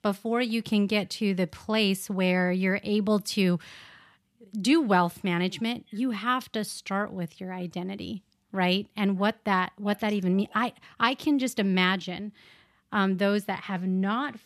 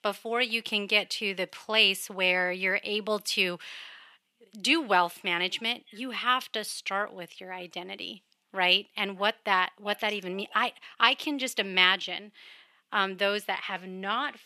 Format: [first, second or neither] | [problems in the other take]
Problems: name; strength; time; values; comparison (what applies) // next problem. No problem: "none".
first | thin; somewhat; fading below 450 Hz